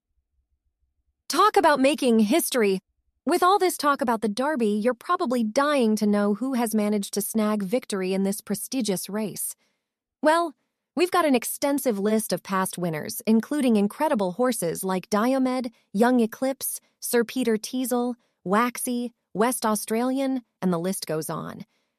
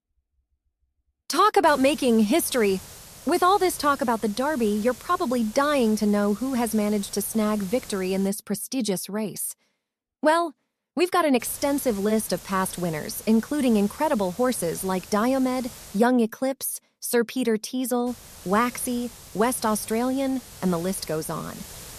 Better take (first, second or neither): first